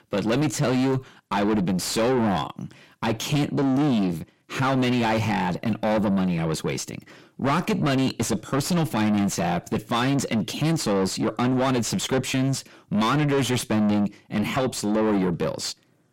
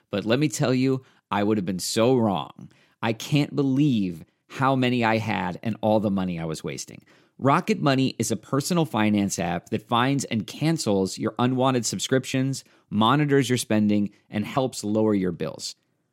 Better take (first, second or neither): second